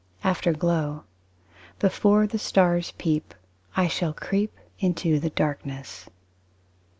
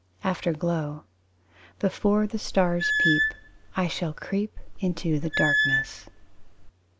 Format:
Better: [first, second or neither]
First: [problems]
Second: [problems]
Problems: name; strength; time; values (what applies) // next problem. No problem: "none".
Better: first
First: none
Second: background sound (Squeak / Screech); as loud as the speech